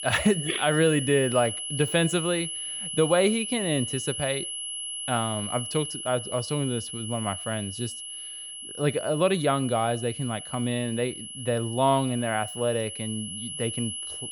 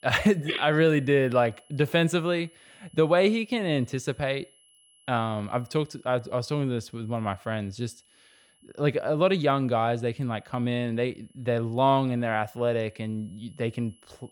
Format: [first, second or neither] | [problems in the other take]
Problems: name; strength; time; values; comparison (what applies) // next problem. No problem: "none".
second | high-pitched whine; loud; throughout; 3 kHz, 6 dB below the speech; faint in the second